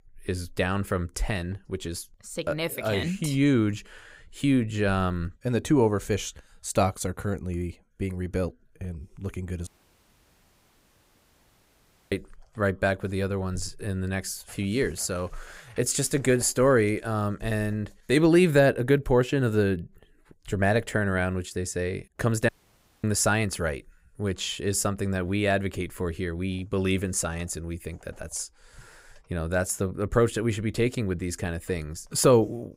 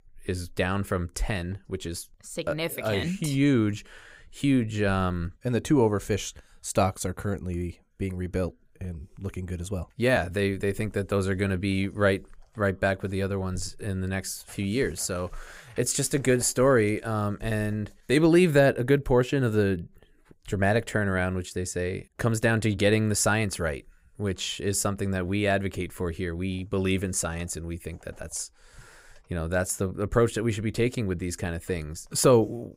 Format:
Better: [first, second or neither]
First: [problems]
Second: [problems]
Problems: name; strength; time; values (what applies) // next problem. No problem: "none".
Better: second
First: audio cutting out; at 9.5 s for 2.5 s and at 22 s for 0.5 s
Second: none